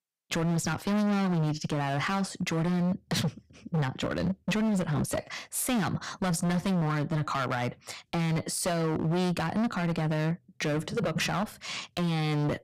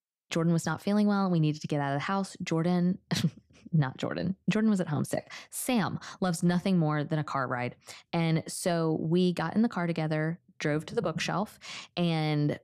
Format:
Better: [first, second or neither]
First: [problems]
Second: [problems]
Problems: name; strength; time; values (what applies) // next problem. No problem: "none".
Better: second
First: distortion; heavy; 24% of the sound clipped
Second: none